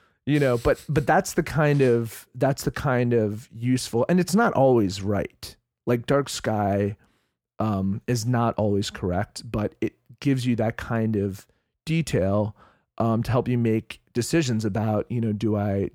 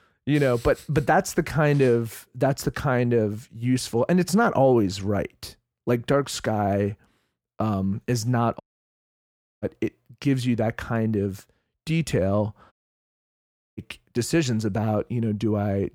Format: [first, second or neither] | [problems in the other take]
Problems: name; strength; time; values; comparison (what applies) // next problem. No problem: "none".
first | audio cutting out; at 8.5 s for 1 s and at 13 s for 1 s